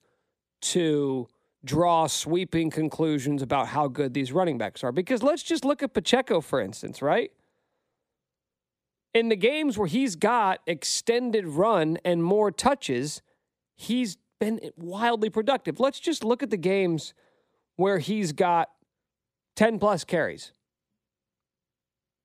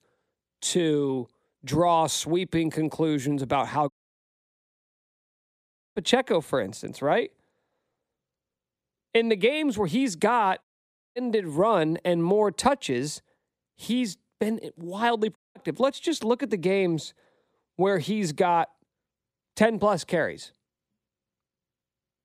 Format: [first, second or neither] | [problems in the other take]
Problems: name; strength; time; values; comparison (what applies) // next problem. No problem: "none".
first | audio cutting out; at 4 s for 2 s, at 11 s for 0.5 s and at 15 s